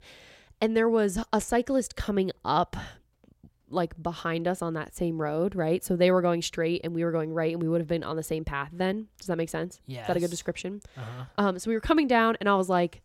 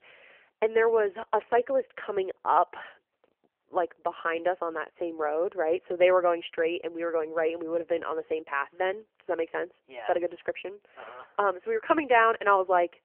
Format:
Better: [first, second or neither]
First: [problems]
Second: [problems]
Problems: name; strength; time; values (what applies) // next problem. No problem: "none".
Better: first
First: none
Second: phone-call audio; poor line; nothing above 3 kHz